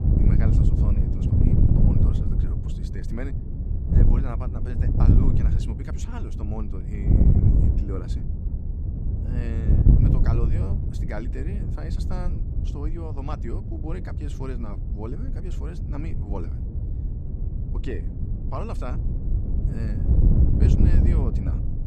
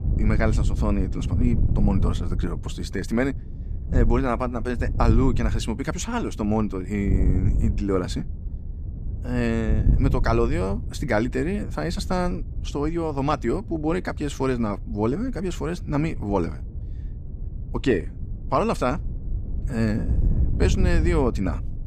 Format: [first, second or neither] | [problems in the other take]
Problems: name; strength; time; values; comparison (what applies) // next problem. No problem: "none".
second | wind noise on the microphone; heavy; 3 dB above the speech; occasional gusts in the second